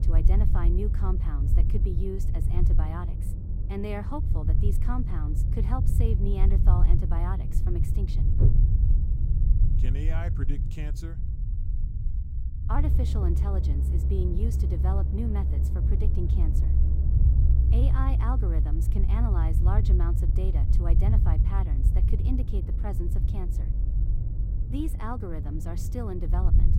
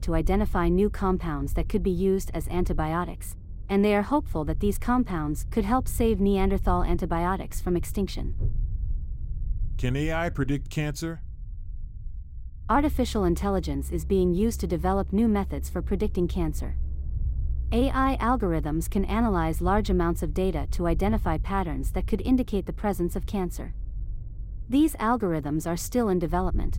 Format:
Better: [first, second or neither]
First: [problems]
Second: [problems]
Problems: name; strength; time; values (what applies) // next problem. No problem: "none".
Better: second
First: low rumble; loud; throughout; 4 dB below the speech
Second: low rumble; faint; throughout; 25 dB below the speech